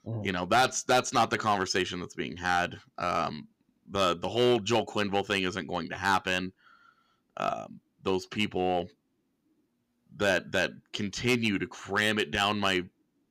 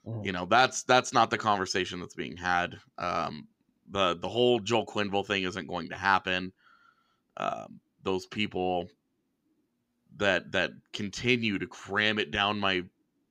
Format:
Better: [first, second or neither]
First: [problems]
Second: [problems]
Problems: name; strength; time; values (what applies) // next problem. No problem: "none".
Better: second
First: distortion; slight; 2% of the sound clipped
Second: none